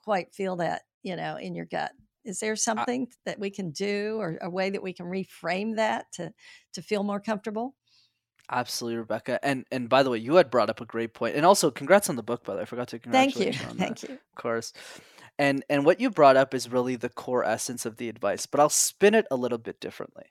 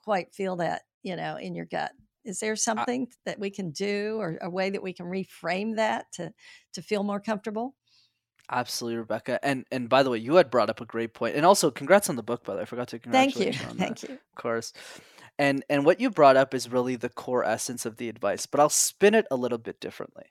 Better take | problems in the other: neither | none

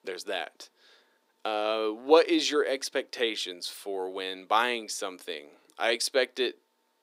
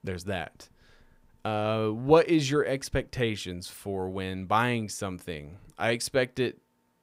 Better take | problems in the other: second | thin; somewhat; fading below 300 Hz

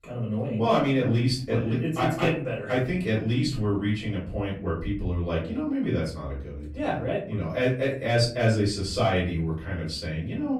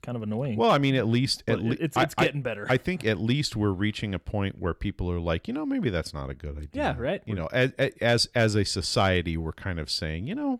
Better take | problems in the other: second | off-mic speech; far // room echo; slight; dies away in 0.4 s

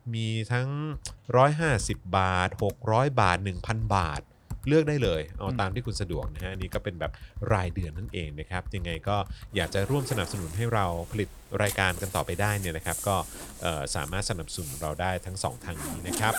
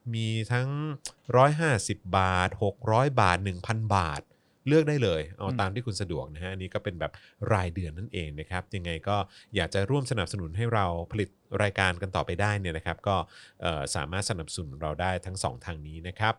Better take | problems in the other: second | household noises; noticeable; throughout; 10 dB below the speech

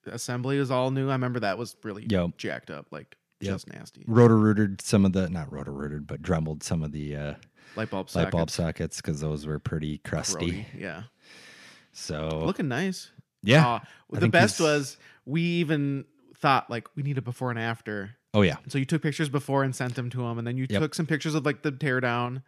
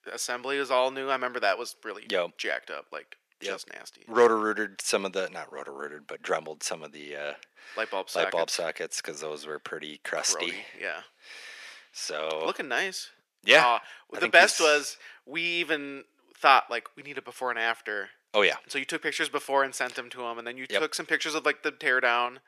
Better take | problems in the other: first | thin; very; fading below 450 Hz

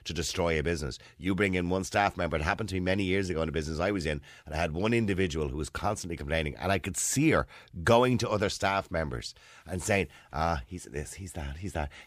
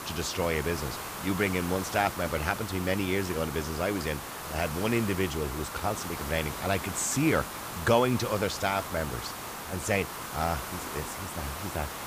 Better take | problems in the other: first | hiss; loud; throughout; 7 dB below the speech

